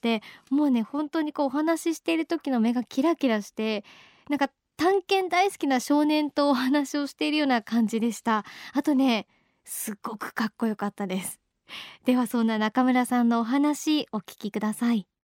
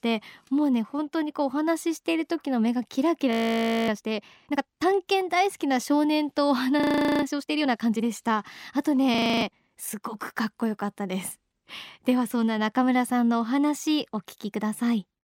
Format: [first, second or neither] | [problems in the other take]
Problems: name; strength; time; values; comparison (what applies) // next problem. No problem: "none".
first | audio freezing; at 3.5 s for 0.5 s, at 7 s and at 9 s